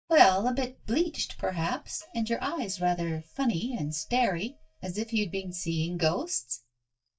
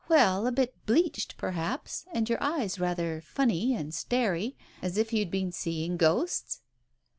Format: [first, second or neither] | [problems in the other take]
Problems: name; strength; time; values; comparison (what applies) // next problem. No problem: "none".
second | noise reduction (neural mask model DeepFilterNet 3)